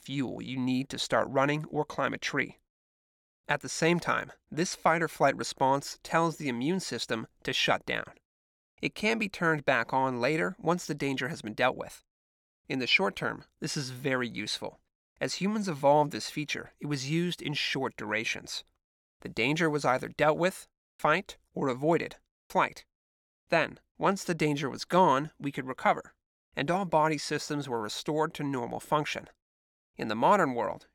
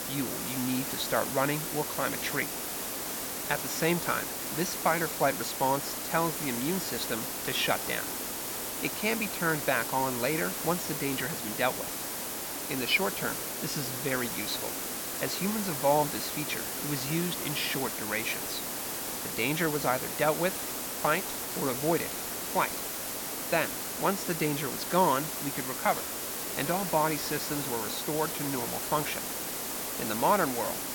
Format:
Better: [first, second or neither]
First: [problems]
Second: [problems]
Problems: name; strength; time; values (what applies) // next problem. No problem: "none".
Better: first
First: none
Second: hiss; loud; throughout; 2 dB below the speech